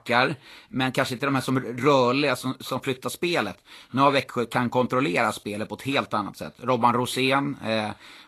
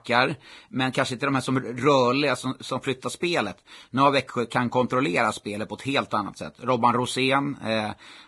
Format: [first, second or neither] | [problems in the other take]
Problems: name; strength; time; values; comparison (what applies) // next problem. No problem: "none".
first | garbled, watery; badly; nothing above 11 kHz; slightly in the first